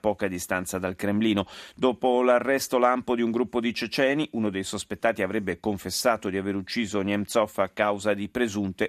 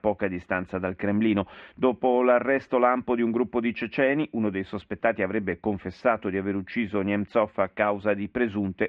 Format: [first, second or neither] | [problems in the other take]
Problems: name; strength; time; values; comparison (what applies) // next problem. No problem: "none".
first | muffled; very; fading above 2.5 kHz